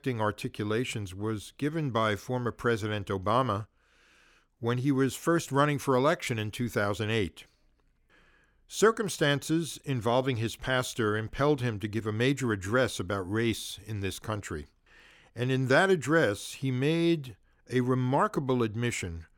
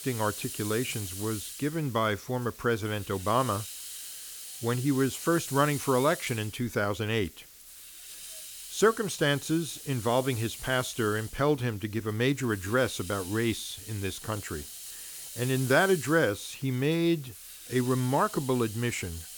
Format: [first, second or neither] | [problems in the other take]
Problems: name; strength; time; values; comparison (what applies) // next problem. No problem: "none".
first | hiss; noticeable; throughout; 10 dB below the speech